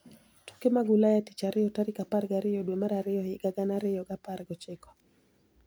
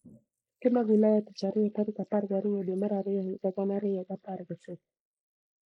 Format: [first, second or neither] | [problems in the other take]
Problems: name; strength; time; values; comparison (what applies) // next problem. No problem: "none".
first | noise reduction (neural mask model Resemble Enhance denoiser)